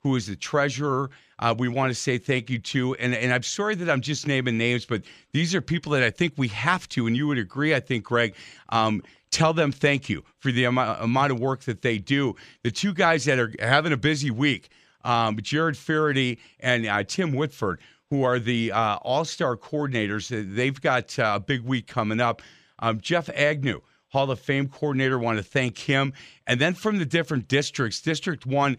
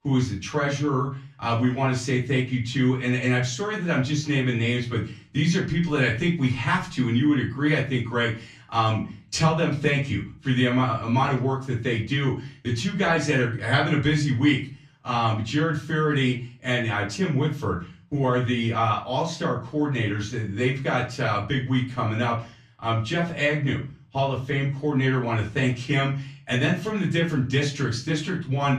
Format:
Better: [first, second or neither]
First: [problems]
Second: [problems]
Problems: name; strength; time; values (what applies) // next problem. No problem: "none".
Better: first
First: none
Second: room echo; slight; dies away in 0.4 s // off-mic speech; far